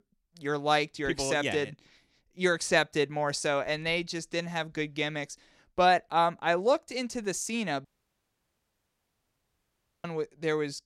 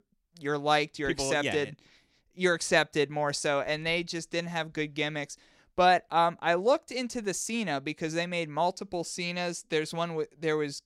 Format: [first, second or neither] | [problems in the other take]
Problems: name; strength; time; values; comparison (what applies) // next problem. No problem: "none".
second | audio cutting out; at 8 s for 2 s